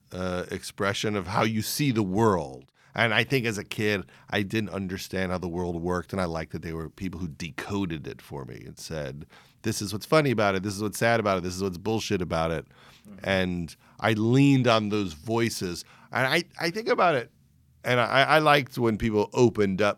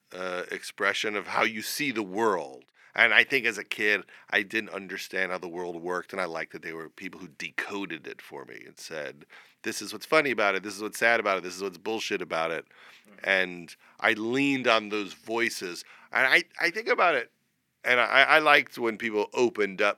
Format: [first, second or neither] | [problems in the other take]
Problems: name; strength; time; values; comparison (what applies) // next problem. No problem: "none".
first | thin; somewhat; fading below 350 Hz